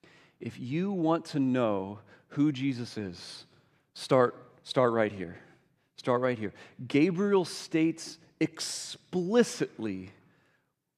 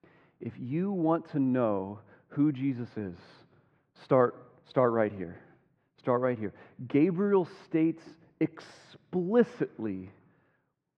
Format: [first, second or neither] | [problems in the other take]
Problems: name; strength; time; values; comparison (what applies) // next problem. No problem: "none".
first | muffled; very; fading above 4 kHz